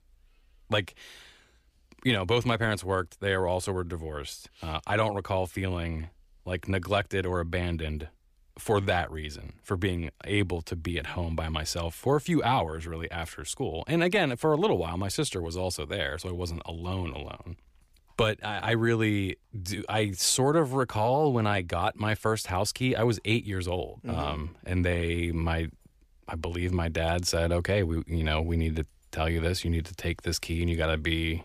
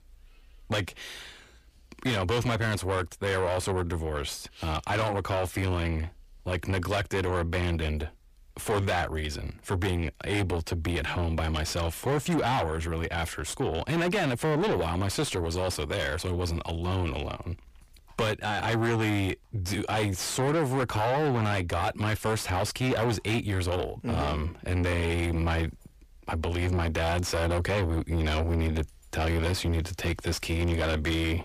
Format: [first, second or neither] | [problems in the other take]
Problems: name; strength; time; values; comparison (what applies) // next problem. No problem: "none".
first | distortion; heavy; 6 dB below the speech